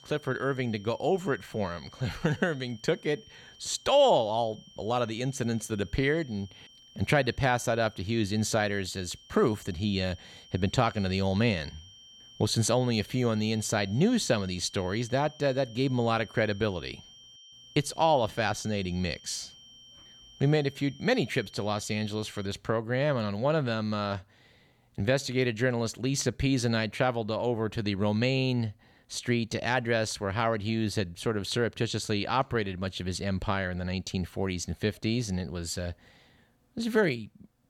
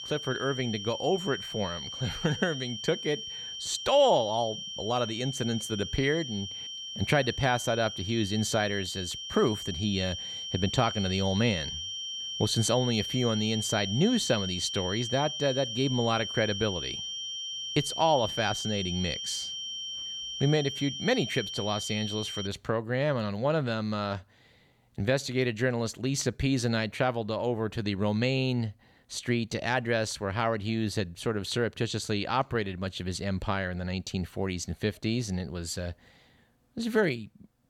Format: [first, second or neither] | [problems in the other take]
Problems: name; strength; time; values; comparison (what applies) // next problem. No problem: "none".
first | high-pitched whine; loud; until 22 s; 3 kHz, 5 dB below the speech; faint in the first